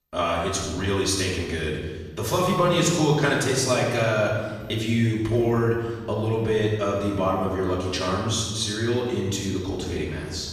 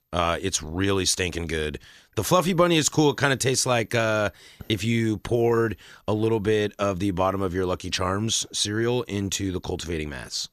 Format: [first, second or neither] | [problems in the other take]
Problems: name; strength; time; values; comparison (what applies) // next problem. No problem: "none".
second | off-mic speech; far // room echo; noticeable; dies away in 1.3 s